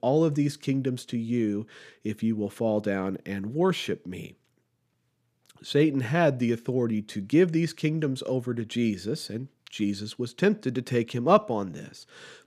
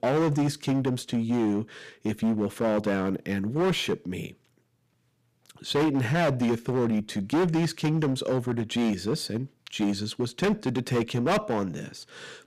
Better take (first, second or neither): first